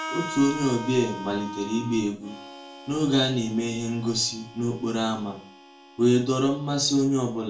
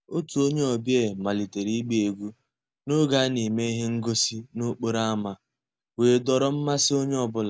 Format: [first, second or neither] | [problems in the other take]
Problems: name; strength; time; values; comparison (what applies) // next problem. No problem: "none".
second | background sound (Harmonica); 14 dB below the speech // room echo; dies away in 0.3 s